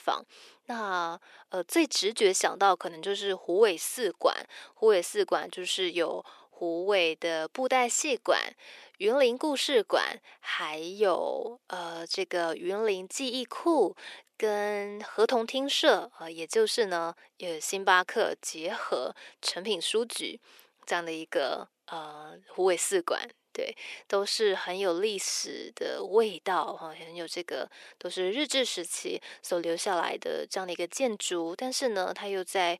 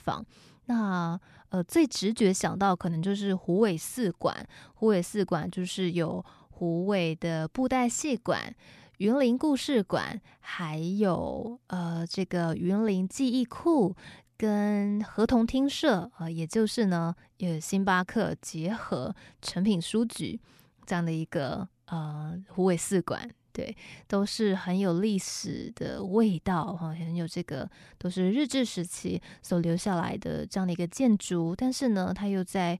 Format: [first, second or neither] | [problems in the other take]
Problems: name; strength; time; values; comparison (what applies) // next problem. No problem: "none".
second | thin; very; fading below 400 Hz